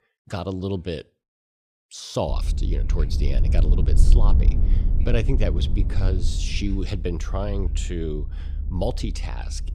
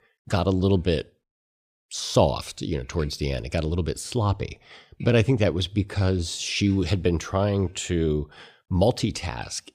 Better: second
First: low rumble; noticeable; from 2.5 s on; 10 dB below the speech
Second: none

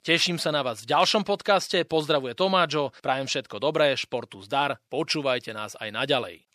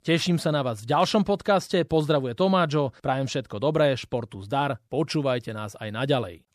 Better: second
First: thin; very slightly; fading below 500 Hz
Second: none

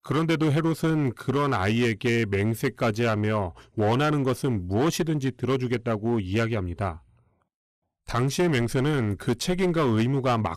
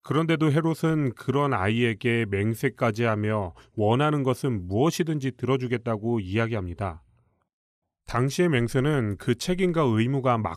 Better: second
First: distortion; slight; 10% of the sound clipped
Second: none

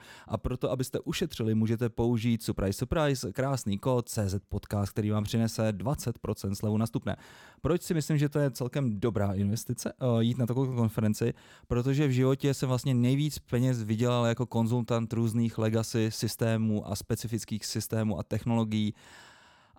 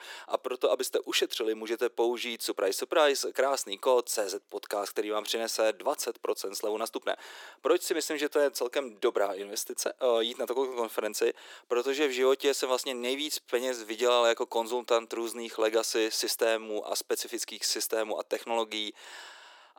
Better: first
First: none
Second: thin; very; fading below 350 Hz

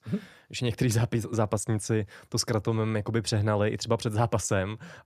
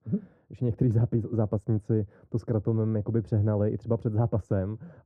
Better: first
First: none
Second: muffled; very; fading above 1.5 kHz

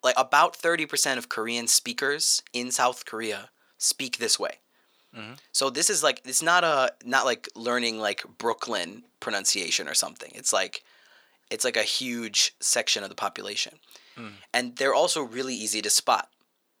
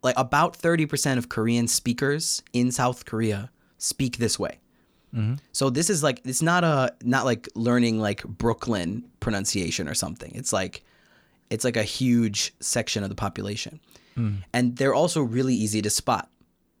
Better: second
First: thin; very; fading below 550 Hz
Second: none

